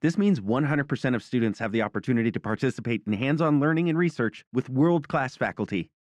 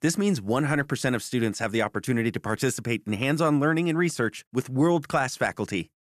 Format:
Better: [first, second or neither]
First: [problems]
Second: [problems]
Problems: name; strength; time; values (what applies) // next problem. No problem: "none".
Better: second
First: muffled; slightly; fading above 3.5 kHz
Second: none